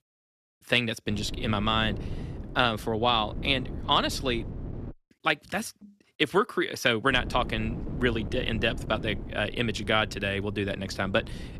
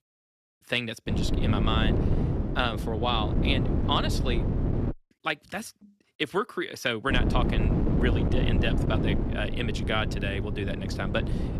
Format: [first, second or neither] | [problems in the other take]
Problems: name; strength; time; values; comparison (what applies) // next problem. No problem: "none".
first | wind noise on the microphone; heavy; from 1 to 5 s and from 7 s on; 5 dB below the speech; occasional gusts in the first